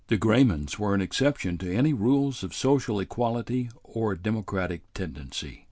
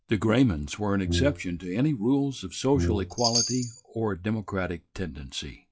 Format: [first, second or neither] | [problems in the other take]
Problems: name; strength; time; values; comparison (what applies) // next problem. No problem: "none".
first | noise reduction (classical method log-MMSE)